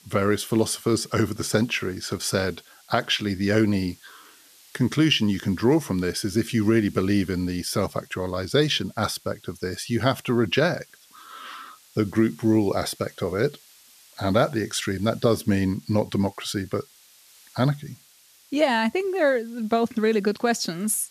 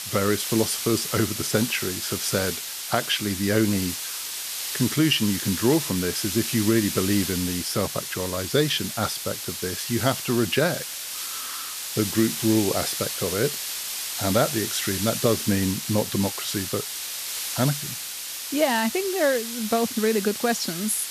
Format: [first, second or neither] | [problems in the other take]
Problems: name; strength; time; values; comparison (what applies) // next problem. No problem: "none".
first | hiss; loud; throughout; 4 dB below the speech; faint in the first